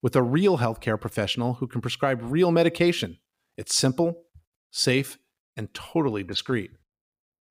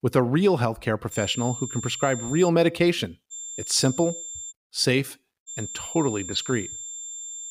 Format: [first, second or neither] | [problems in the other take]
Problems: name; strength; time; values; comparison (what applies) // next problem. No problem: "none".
first | high-pitched whine; loud; from 1 to 2.5 s, from 3.5 to 4.5 s and from 5.5 s on; 7.5 kHz, 10 dB below the speech